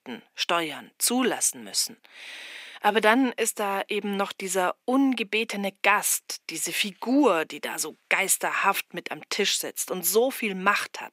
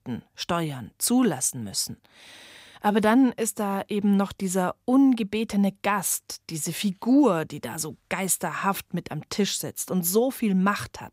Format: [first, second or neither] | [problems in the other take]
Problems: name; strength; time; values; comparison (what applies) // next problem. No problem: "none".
second | thin; somewhat; fading below 300 Hz